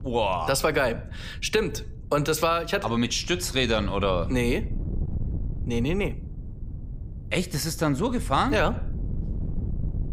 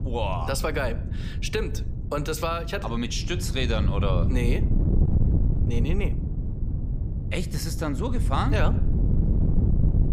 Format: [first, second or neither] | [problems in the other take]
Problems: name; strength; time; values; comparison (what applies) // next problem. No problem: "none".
first | wind noise on the microphone; heavy; 9 dB below the speech; occasional gusts in the first